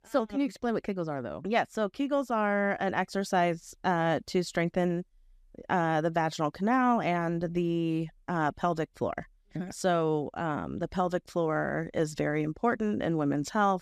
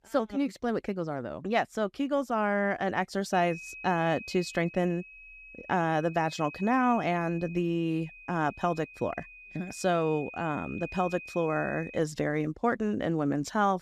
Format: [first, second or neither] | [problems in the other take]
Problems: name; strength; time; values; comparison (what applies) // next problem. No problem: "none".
first | high-pitched whine; noticeable; from 3.5 to 12 s; 2.5 kHz, 15 dB below the speech